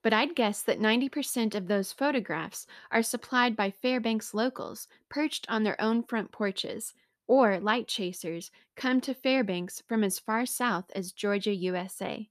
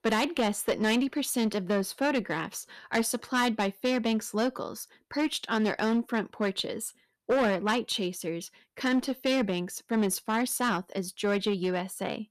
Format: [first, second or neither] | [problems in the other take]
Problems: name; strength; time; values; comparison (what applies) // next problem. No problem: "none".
first | distortion; slight; 6% of the sound clipped